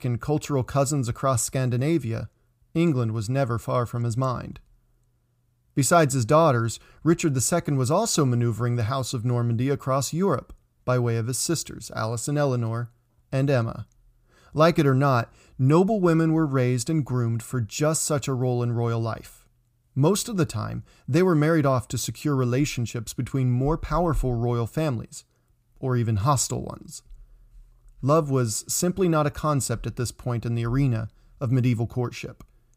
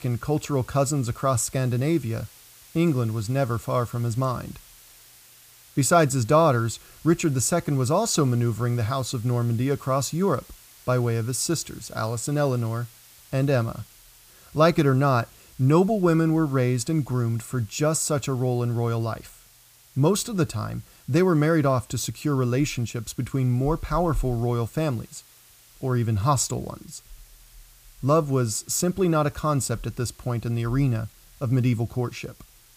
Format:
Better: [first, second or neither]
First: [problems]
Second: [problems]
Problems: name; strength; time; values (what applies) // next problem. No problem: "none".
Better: first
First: none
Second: hiss; faint; throughout; 25 dB below the speech